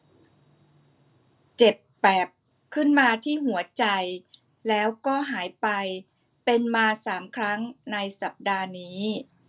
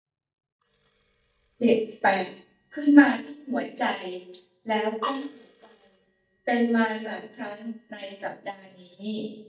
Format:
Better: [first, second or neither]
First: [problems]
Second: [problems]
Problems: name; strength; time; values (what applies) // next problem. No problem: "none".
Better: first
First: none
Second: noise reduction (neural mask model DeepFilterNet 3)